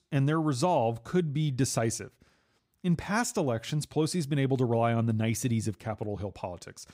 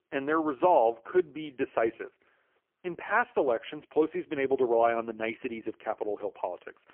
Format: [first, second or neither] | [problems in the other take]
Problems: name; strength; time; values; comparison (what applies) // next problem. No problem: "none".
first | phone-call audio; poor line; nothing above 3 kHz